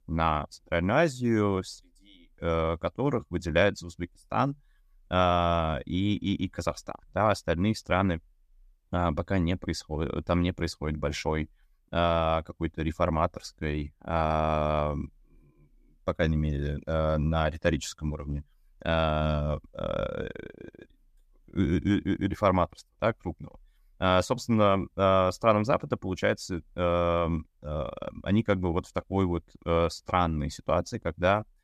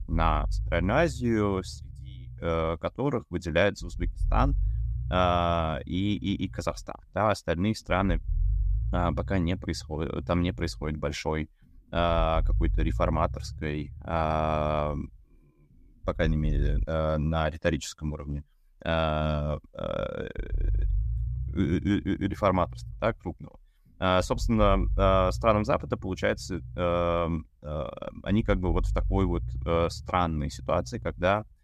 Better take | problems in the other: first | low rumble; faint; until 17 s and from 20 s on; 25 dB below the speech

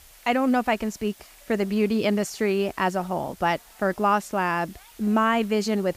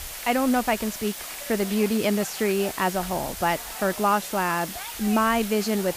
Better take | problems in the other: first | hiss; loud; throughout; 8 dB below the speech; faint in the first

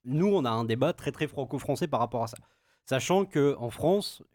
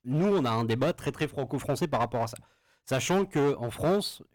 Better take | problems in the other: first | distortion; slight; 9% of the sound clipped

